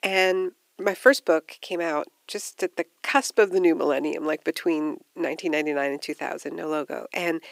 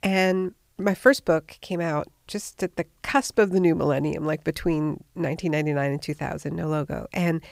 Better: second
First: thin; somewhat; fading below 300 Hz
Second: none

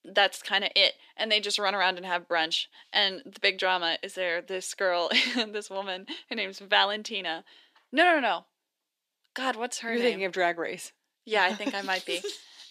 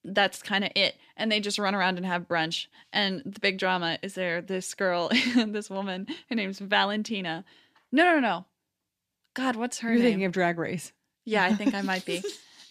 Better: second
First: thin; somewhat; fading below 450 Hz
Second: none

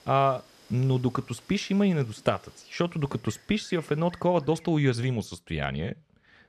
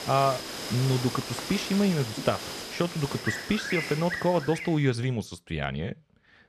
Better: first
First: animal sounds; faint; until 4.5 s; 25 dB below the speech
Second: animal sounds; loud; until 4.5 s; 6 dB below the speech

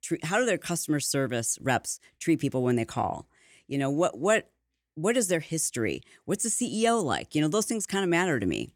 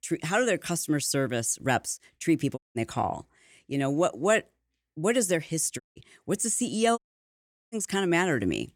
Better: first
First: none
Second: audio cutting out; at 2.5 s, at 6 s and at 7 s for 0.5 s

